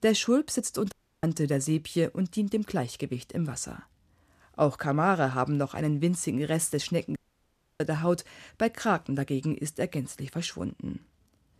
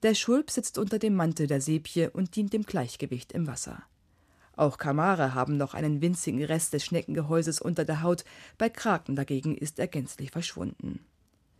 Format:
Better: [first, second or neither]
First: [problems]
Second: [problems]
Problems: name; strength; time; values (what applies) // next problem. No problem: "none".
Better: second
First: audio cutting out; at 1 s and at 7 s for 0.5 s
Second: none